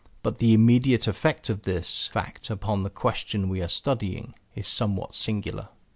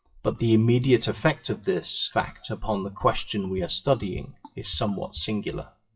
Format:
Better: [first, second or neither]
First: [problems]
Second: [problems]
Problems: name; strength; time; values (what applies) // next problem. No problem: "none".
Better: first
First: none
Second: noise reduction (classical method WPE with log-MMSE)